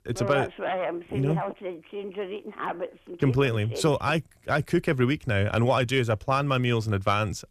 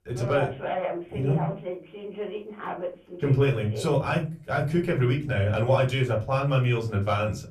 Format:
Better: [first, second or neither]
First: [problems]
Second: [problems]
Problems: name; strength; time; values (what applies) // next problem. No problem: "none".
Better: first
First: none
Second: off-mic speech; far // room echo; very slight; dies away in 0.3 s